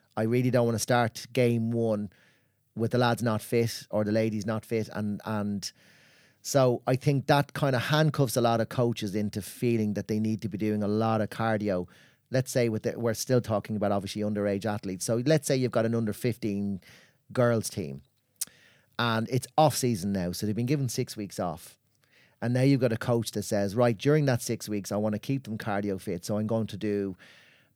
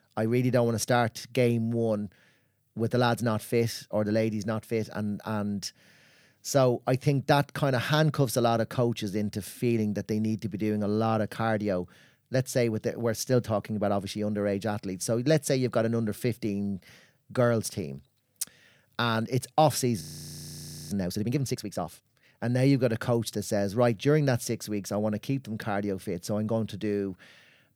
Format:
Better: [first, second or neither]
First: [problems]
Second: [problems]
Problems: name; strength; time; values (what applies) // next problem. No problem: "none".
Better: first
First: none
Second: audio freezing; at 20 s for 1 s